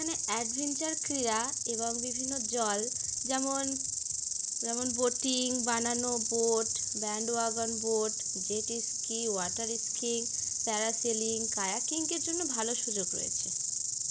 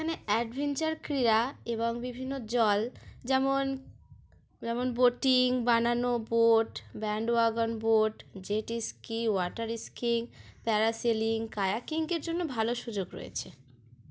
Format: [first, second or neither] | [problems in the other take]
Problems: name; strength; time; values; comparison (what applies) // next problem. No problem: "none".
second | background sound (Insect); 2 dB above the speech